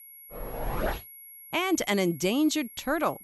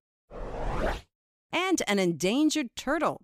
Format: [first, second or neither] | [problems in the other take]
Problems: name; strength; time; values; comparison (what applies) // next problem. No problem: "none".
second | high-pitched whine; noticeable; throughout; 11.5 kHz, 15 dB below the speech